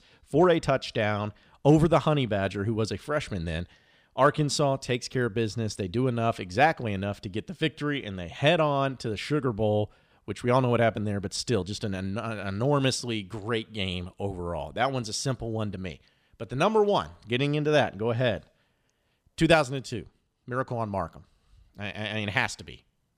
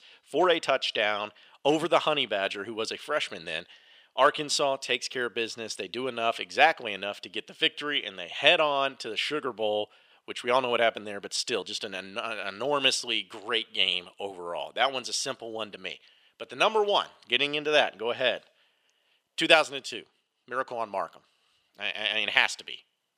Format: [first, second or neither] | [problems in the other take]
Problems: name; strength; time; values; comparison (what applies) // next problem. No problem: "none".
first | thin; somewhat; fading below 450 Hz